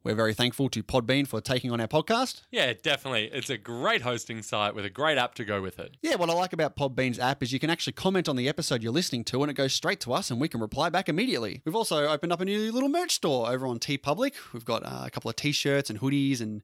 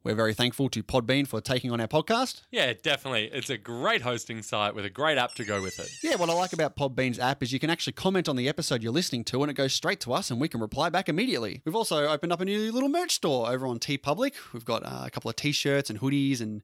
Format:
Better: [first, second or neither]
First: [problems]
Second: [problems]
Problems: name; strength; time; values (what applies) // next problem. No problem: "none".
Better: first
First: none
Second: door banging; faint; from 5.5 to 6.5 s; peak 10 dB below the speech